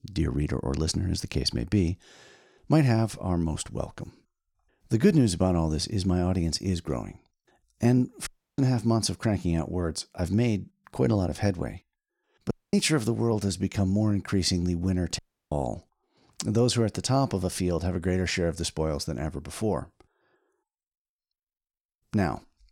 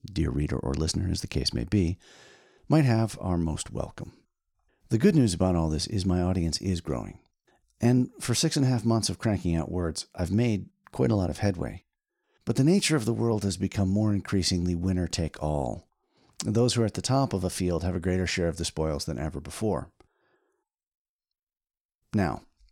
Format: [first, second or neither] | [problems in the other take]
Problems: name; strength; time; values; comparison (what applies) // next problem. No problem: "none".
second | audio cutting out; at 8.5 s, at 13 s and at 15 s